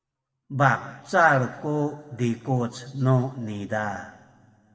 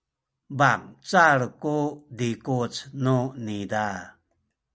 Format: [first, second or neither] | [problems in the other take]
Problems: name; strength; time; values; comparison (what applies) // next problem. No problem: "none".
second | room echo; dies away in 1.7 s